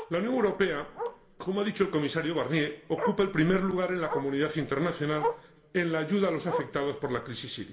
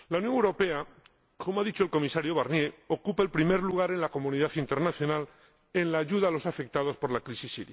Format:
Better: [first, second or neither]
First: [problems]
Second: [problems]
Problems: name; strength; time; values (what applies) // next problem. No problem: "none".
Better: second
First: background sound (Bark); 10 dB below the speech // room echo; dies away in 1.3 s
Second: none